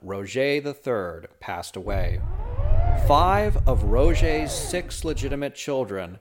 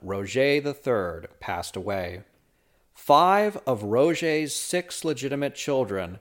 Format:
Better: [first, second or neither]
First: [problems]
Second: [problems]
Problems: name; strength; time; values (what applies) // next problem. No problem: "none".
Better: second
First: low rumble; noticeable; from 2 to 5.5 s; 10 dB below the speech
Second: none